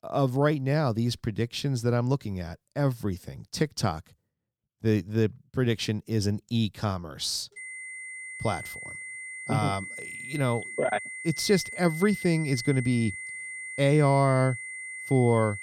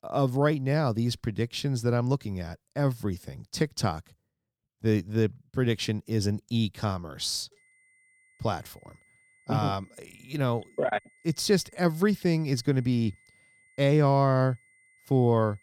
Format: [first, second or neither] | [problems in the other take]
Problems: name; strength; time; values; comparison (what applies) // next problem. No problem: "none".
second | high-pitched whine; loud; from 7.5 s on; 2 kHz, 9 dB below the speech; faint in the second